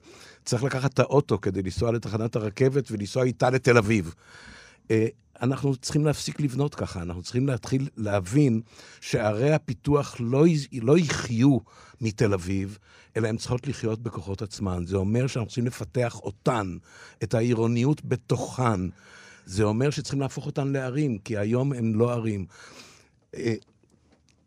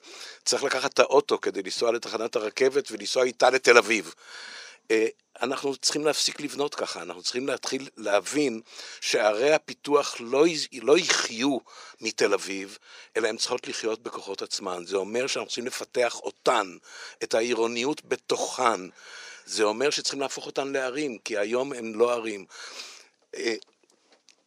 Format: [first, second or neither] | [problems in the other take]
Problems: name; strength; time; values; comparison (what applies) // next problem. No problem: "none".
first | thin; very; fading below 400 Hz